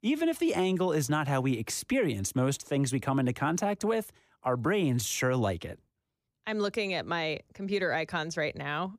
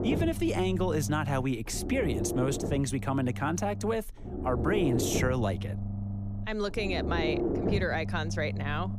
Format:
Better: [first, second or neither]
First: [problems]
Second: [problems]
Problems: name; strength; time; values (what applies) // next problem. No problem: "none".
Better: first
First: none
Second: low rumble; loud; throughout; 6 dB below the speech